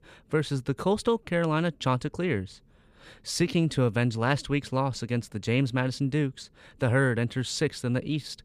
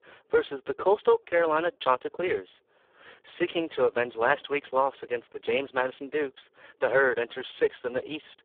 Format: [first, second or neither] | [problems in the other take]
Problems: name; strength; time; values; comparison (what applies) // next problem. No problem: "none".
first | phone-call audio; poor line